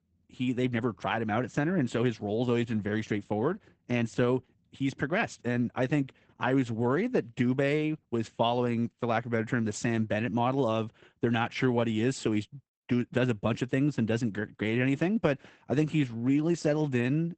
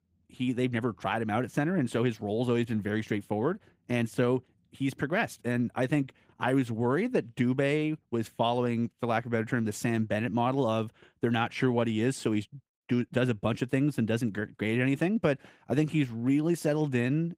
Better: second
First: garbled, watery; badly; nothing above 8 kHz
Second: garbled, watery; slightly; nothing above 15.5 kHz

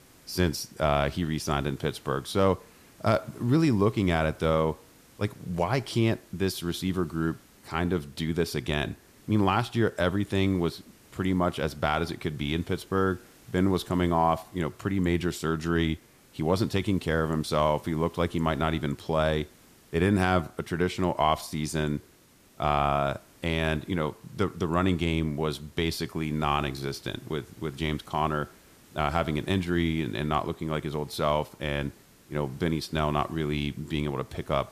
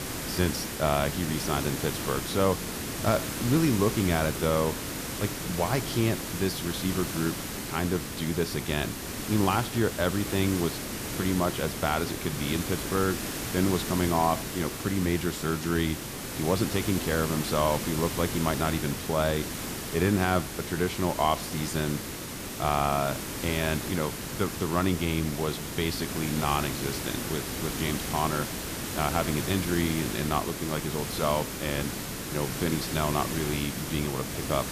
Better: first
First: hiss; faint; throughout; 25 dB below the speech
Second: hiss; loud; throughout; 4 dB below the speech

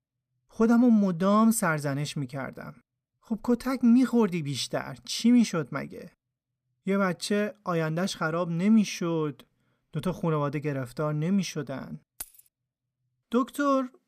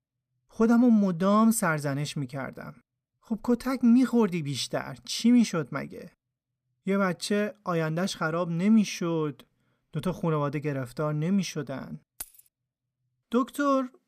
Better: neither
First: jangling keys; faint; at 12 s; peak 15 dB below the speech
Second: jangling keys; faint; at 12 s; peak 15 dB below the speech

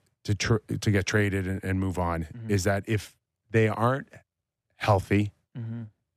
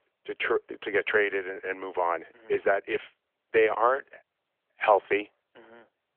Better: first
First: none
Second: phone-call audio

